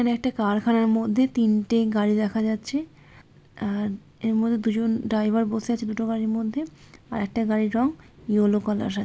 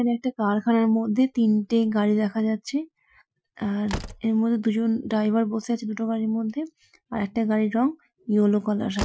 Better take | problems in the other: first | noise reduction (classical method Wiener filter)

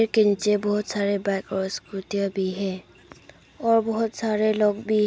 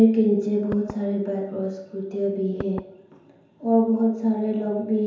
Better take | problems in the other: first | background sound (Knock / Wood); 14 dB below the speech // room echo; dies away in 0.9 s

